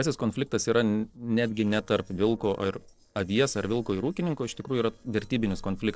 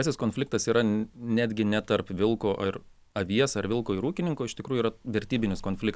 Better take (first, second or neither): second